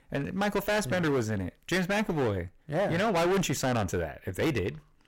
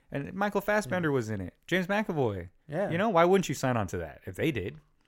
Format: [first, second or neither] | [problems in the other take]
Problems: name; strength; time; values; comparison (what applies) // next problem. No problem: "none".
second | distortion; heavy; 18% of the sound clipped